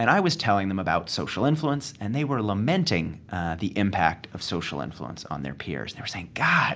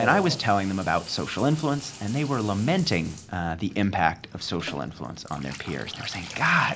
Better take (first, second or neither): first